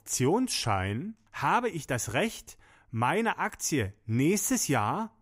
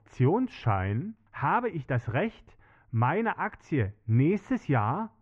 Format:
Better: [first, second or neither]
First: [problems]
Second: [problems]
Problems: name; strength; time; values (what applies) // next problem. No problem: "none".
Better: first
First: none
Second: muffled; very; fading above 2 kHz